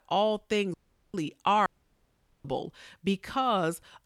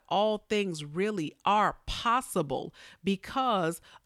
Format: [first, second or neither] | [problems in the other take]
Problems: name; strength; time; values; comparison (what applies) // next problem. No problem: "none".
second | audio cutting out; at 0.5 s and at 1.5 s for 1 s